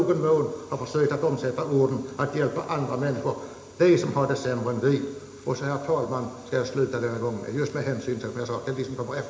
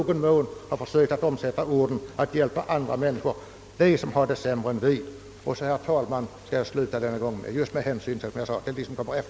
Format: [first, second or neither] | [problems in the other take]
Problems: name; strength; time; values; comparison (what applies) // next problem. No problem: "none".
second | room echo; dies away in 0.8 s